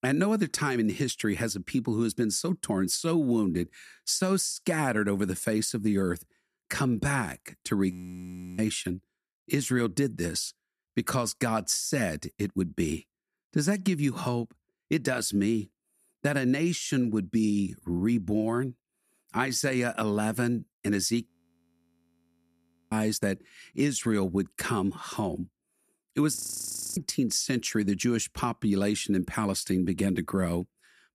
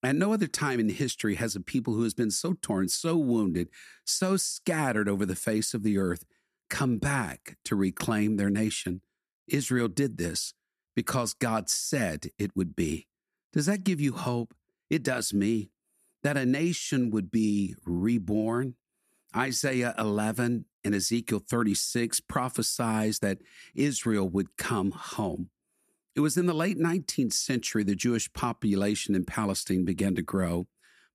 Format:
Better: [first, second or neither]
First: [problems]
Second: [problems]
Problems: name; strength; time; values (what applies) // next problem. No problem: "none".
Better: second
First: audio freezing; at 8 s for 0.5 s, at 21 s for 1.5 s and at 26 s for 0.5 s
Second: none